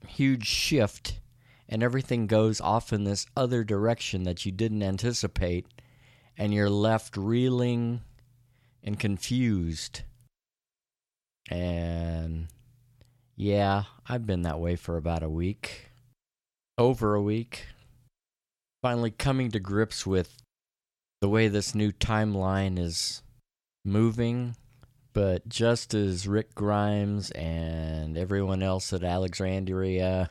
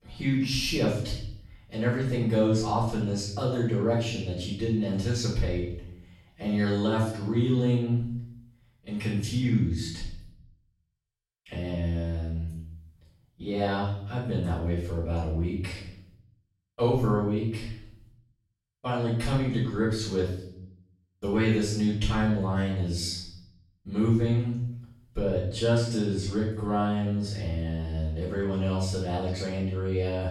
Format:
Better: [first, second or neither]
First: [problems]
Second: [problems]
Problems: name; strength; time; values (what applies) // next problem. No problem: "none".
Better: first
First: none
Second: room echo; noticeable; dies away in 0.6 s // off-mic speech; far